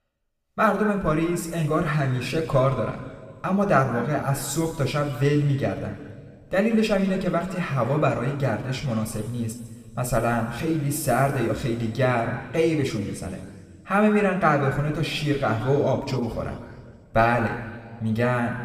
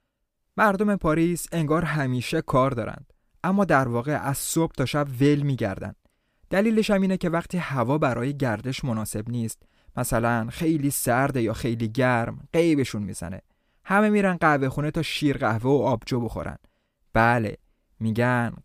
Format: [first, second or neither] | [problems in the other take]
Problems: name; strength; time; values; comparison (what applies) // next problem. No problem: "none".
second | room echo; slight; dies away in 1.8 s